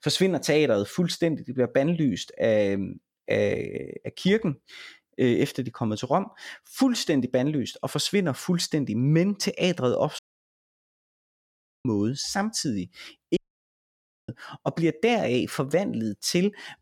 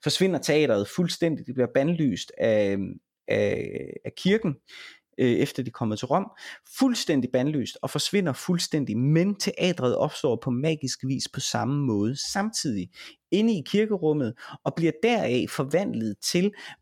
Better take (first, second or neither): second